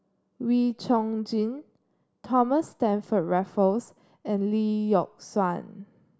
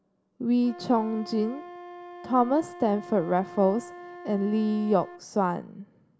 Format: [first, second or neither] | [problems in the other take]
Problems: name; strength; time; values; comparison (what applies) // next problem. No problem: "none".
first | background sound (Wind instrument, woodwind instrument); 17 dB below the speech